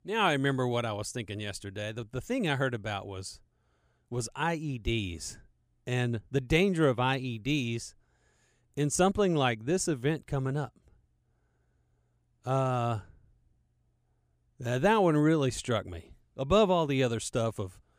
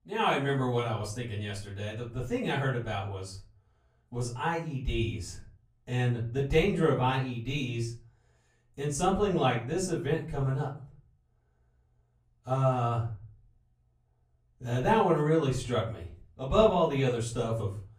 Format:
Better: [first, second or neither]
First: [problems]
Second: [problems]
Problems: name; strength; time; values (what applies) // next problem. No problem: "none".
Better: first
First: none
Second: off-mic speech; far // room echo; slight; dies away in 0.4 s